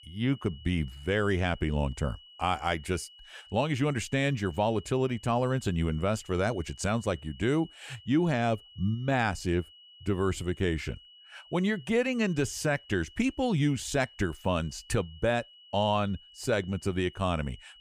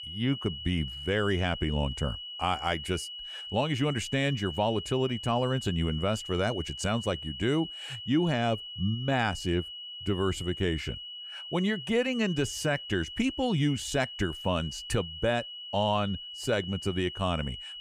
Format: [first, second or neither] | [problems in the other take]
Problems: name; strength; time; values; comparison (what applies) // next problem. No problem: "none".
first | high-pitched whine; loud; throughout; 3 kHz, 9 dB below the speech; faint in the first